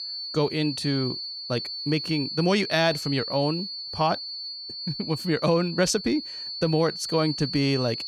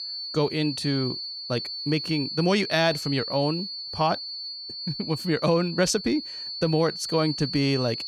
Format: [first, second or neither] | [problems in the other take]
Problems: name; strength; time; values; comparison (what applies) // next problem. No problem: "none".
neither | high-pitched whine; loud; throughout; 4.5 kHz, 6 dB below the speech; the same in both